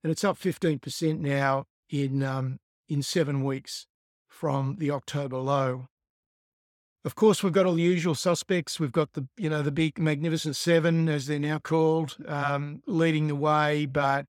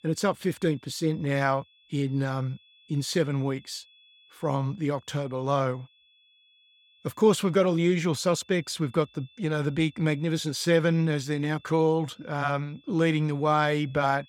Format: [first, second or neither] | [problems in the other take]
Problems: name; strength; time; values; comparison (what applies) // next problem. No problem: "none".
first | high-pitched whine; faint; throughout; 3.5 kHz, 30 dB below the speech